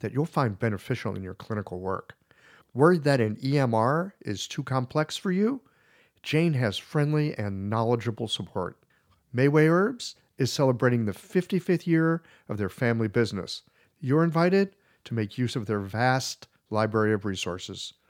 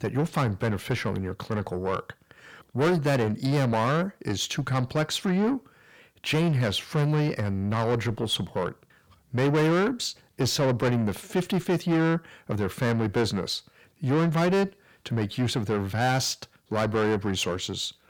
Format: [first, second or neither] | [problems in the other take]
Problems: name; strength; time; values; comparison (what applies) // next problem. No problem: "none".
first | distortion; heavy; 7 dB below the speech